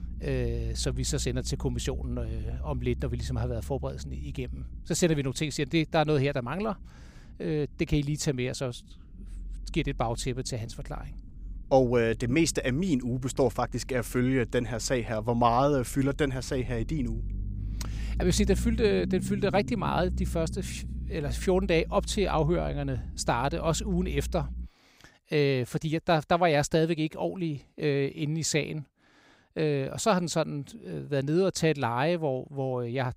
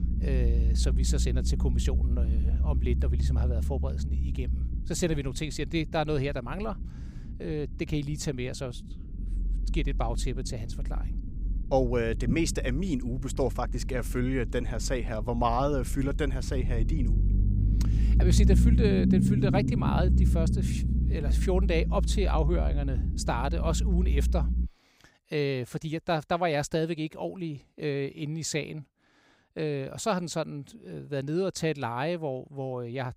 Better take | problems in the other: first | low rumble; loud; until 25 s; 9 dB below the speech; faint in the first

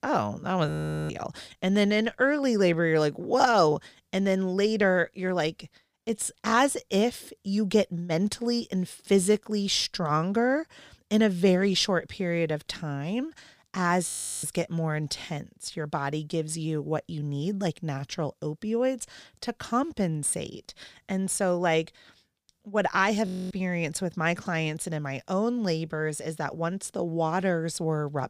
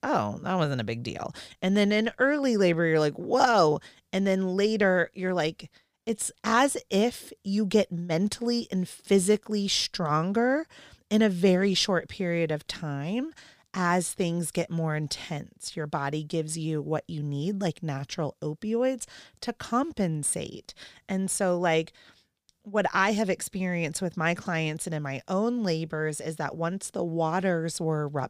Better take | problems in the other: second | audio freezing; at 0.5 s, at 14 s and at 23 s

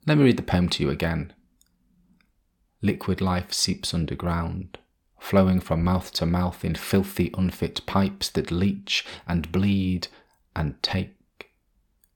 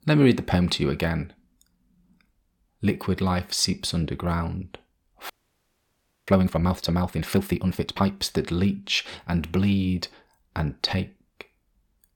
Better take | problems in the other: first | audio freezing; at 5.5 s for 1 s

